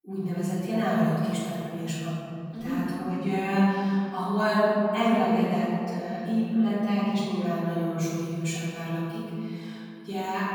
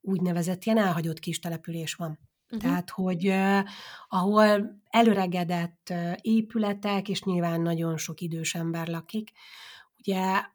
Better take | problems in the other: second | off-mic speech; far // room echo; strong; dies away in 2.6 s

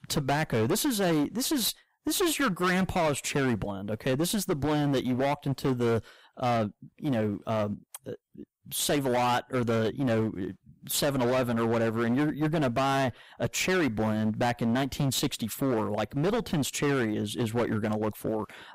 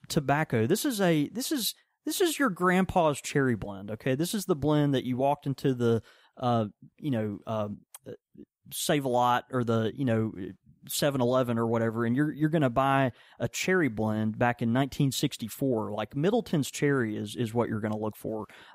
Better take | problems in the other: second | distortion; heavy; 19% of the sound clipped

